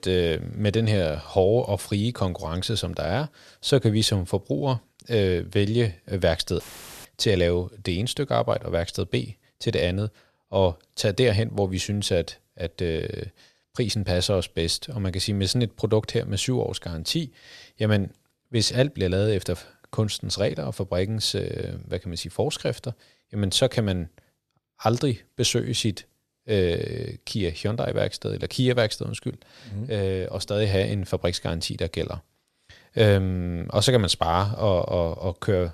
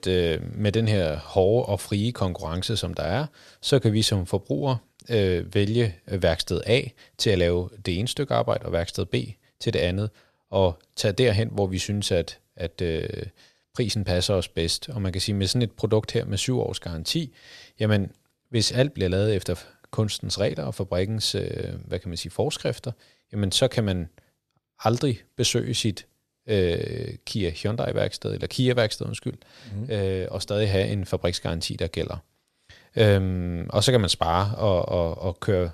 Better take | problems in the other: second | audio cutting out; filled with static; at 6.5 s

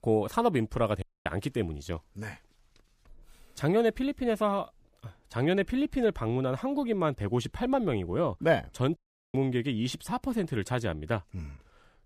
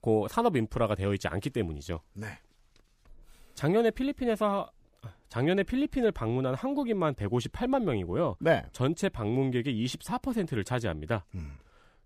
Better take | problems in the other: second | audio cutting out; at 1 s and at 9 s

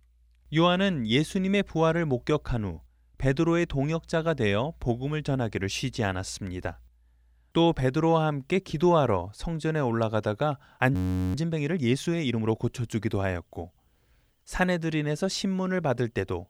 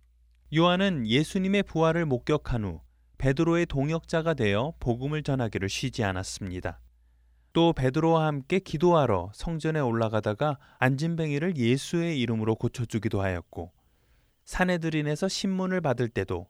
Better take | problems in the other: second | audio freezing; at 11 s

